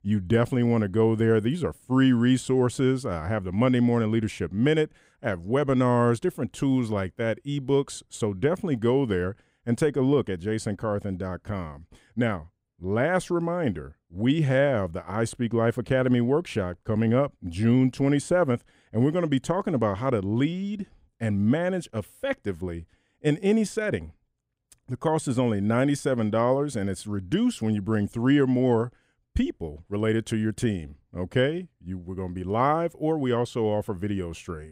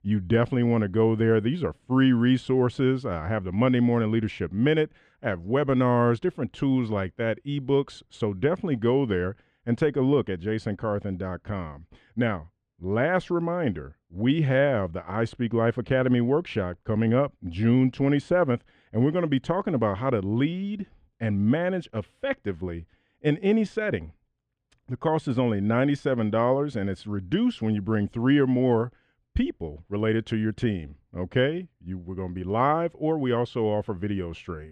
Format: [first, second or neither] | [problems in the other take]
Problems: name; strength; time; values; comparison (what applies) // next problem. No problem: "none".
first | muffled; slightly; fading above 3 kHz